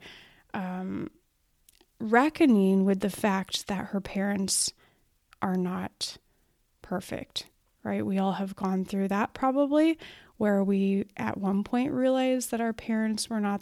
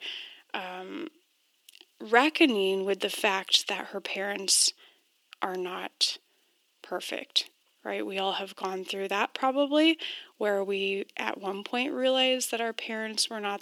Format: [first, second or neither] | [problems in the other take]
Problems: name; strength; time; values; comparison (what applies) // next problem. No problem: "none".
first | thin; somewhat; fading below 300 Hz